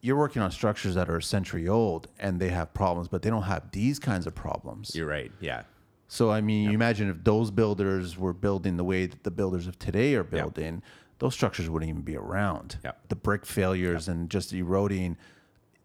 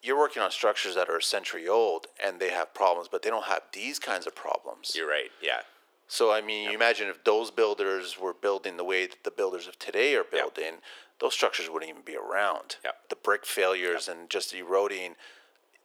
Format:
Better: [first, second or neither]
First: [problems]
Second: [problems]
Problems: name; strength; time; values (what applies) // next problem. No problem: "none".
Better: first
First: none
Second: thin; very; fading below 400 Hz